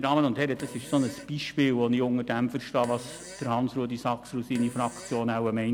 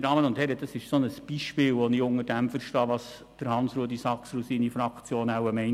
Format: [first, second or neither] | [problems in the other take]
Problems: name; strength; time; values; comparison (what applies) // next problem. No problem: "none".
second | background sound (Fart); 19 dB below the speech